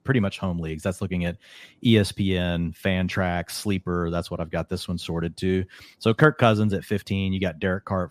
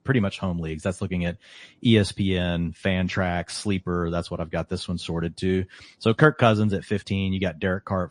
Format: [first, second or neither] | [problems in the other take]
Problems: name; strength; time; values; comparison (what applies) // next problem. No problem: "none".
first | garbled, watery; slightly